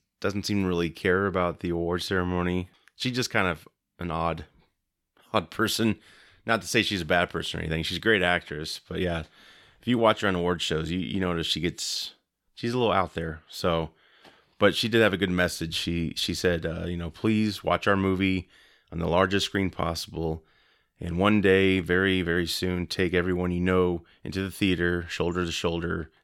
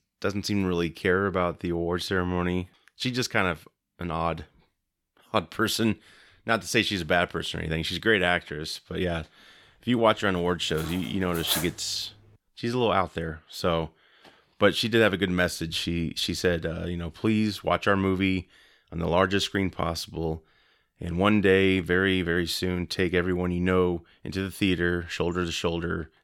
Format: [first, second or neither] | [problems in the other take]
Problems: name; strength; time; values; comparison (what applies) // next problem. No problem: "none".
first | clattering dishes; noticeable; at 11 s; peak 4 dB below the speech